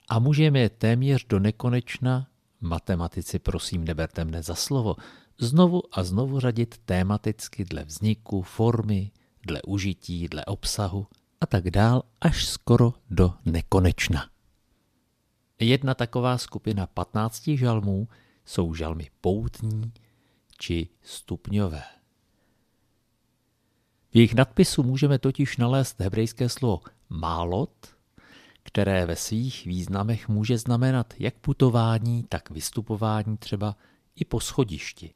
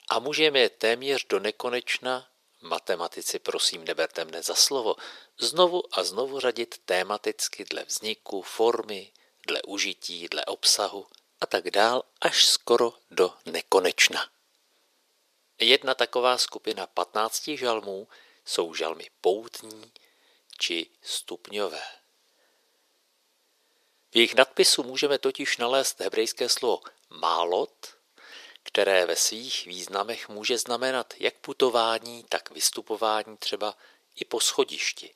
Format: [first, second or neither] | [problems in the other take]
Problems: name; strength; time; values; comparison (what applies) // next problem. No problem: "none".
first | thin; very; fading below 400 Hz